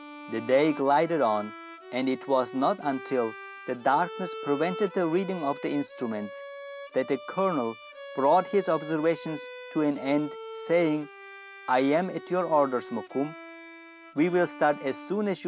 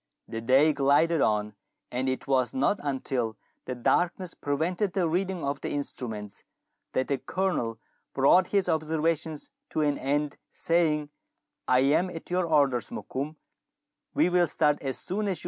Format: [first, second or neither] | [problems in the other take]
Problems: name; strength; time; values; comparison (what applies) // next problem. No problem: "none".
second | background sound (Bowed string instrument); 14 dB below the speech